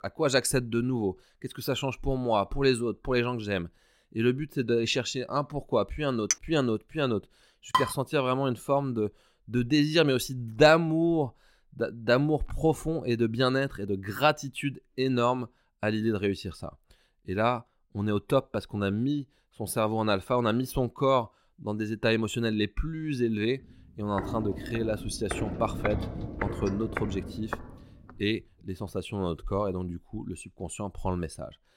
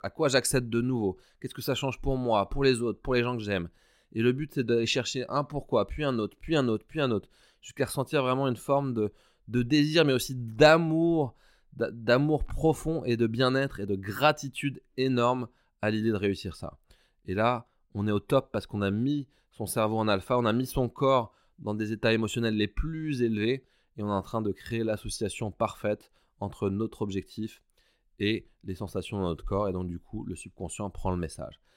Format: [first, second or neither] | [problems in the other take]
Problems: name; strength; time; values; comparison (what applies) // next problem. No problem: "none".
second | clattering dishes; very faint; at 6.5 s; peak 1 dB below the speech // clattering dishes; loud; at 7.5 s; peak level with the speech // footsteps; noticeable; from 24 to 28 s; peak 4 dB below the speech